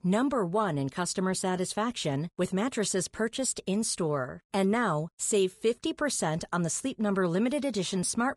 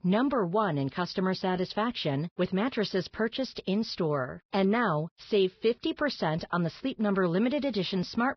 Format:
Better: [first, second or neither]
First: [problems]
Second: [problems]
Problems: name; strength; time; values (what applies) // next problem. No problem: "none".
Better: first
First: garbled, watery; slightly; nothing above 10.5 kHz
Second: garbled, watery; badly; nothing above 5.5 kHz